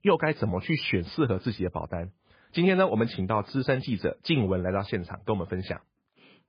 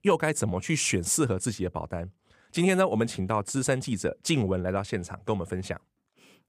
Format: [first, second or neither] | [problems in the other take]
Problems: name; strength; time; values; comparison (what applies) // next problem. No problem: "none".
second | garbled, watery; badly; nothing above 5 kHz